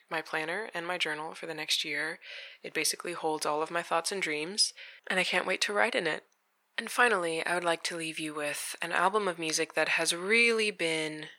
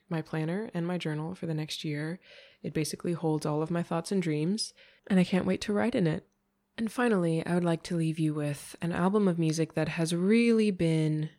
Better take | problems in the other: second | thin; very; fading below 750 Hz

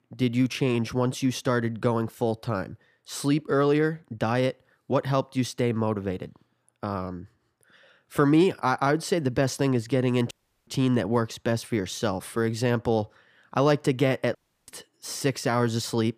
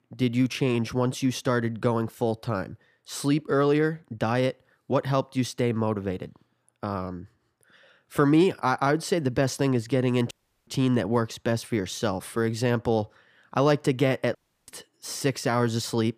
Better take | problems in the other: neither | audio cutting out; at 10 s and at 14 s; the same in both

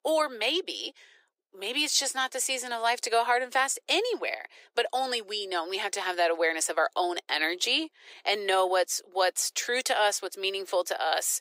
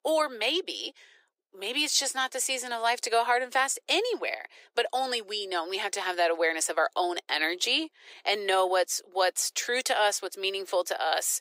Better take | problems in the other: neither | thin; very; fading below 400 Hz; the same in both

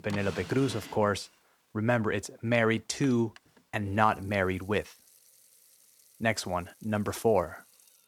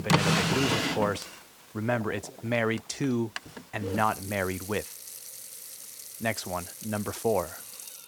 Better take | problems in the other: first | household noises; loud; throughout; 2 dB below the speech; faint in the first

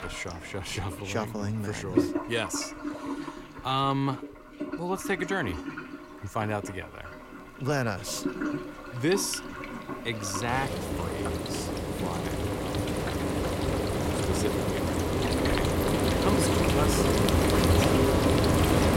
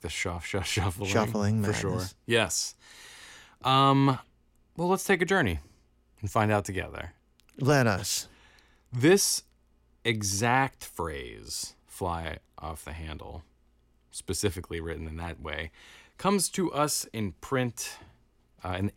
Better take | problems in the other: second | household noises; very loud; throughout; 5 dB above the speech

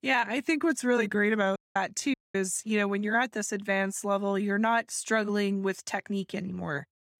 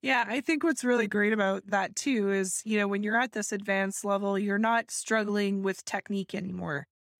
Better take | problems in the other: second | audio cutting out; at 1.5 s and at 2 s

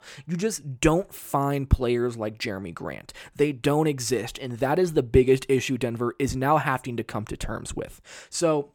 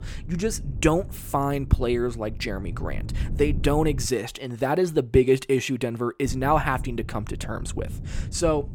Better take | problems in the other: first | low rumble; faint; until 4 s and from 6.5 s on; 20 dB below the speech

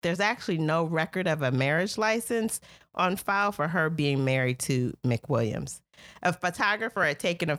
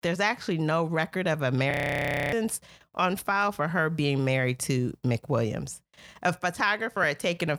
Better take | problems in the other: first | audio freezing; at 1.5 s for 0.5 s

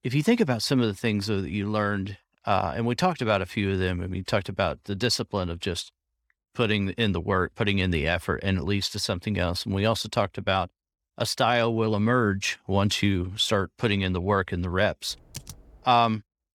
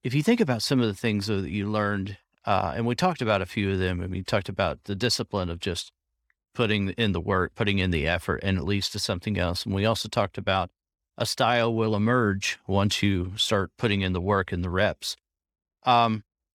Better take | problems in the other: second | keyboard typing; faint; at 15 s; peak 15 dB below the speech

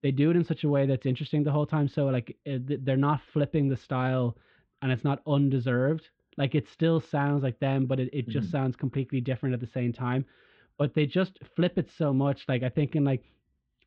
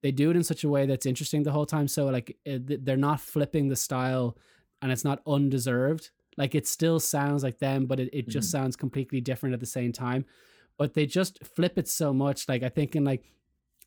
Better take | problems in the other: second | muffled; very; fading above 3.5 kHz

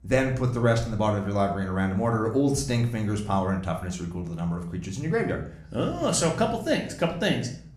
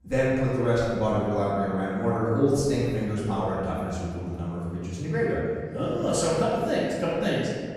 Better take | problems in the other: first | room echo; strong; dies away in 2 s; slight in the first // off-mic speech; far; somewhat distant in the first

